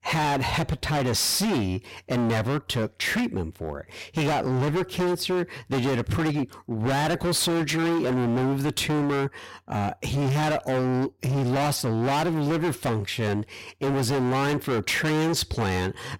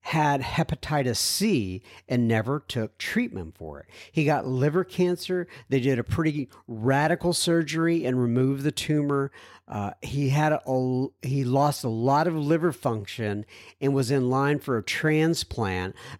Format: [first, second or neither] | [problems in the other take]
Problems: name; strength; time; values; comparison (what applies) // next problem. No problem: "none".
second | distortion; heavy; 35% of the sound clipped